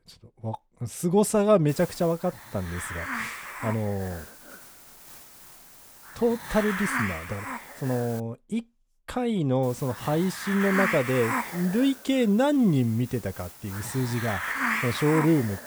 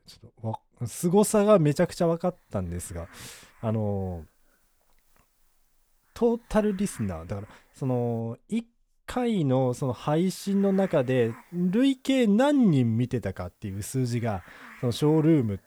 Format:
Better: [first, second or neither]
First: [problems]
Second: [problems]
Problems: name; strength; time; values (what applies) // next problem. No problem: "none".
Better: second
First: hiss; loud; from 1.5 to 8 s and from 9.5 s on; 6 dB below the speech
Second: hiss; faint; from 1.5 to 8 s and from 9.5 s on; 25 dB below the speech